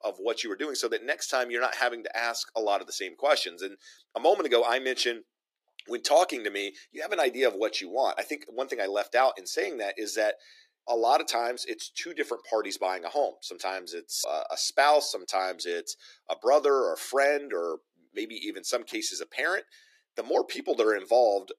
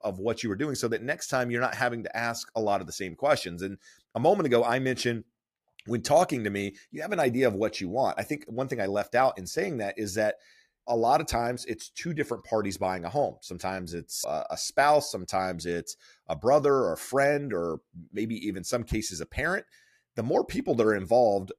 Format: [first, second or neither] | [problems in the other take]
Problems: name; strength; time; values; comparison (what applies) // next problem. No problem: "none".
second | thin; somewhat; fading below 300 Hz